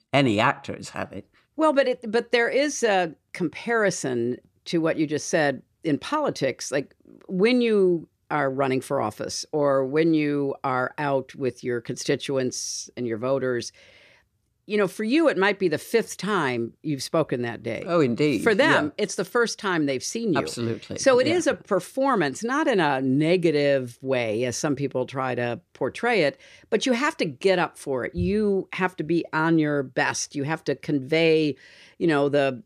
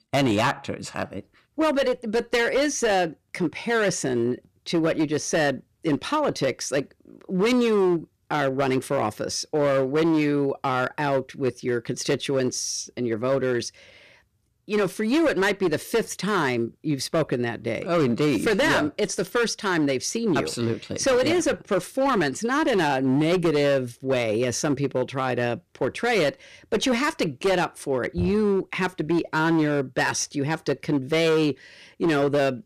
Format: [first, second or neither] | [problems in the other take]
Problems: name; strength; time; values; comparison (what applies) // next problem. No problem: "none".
first | distortion; slight; 11% of the sound clipped